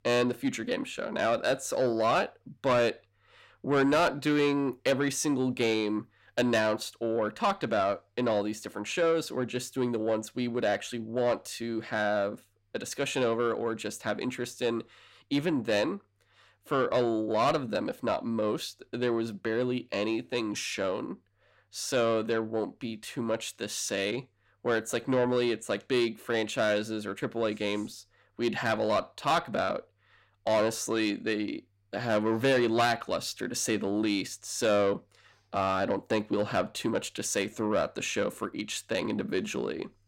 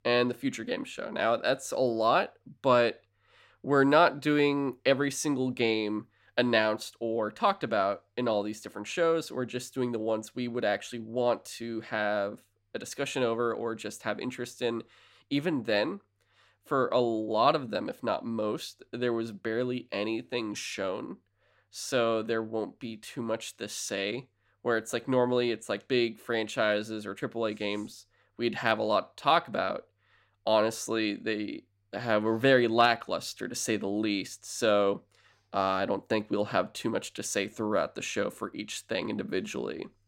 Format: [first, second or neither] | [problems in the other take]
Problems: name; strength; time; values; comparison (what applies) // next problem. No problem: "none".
second | distortion; slight; 10 dB below the speech